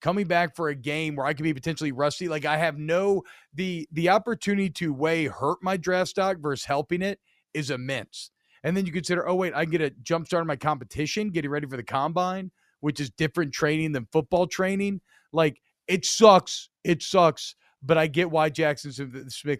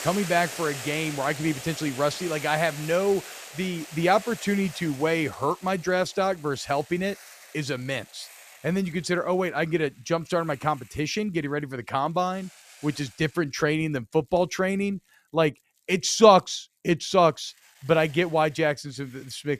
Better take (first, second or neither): first